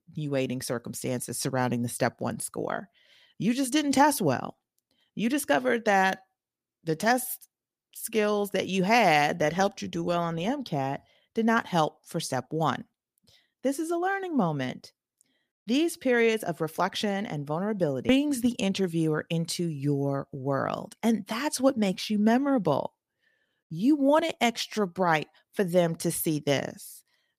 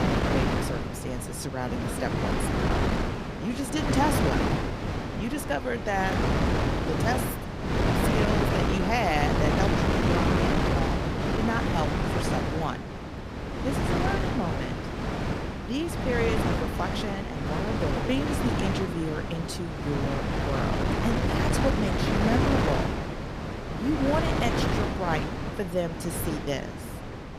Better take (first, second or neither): first